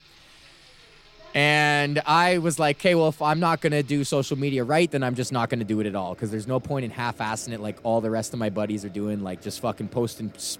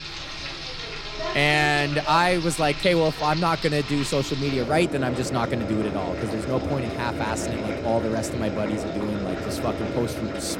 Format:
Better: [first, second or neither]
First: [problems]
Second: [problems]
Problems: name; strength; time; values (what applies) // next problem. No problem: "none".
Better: first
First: household noises; faint; throughout; 25 dB below the speech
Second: household noises; loud; throughout; 6 dB below the speech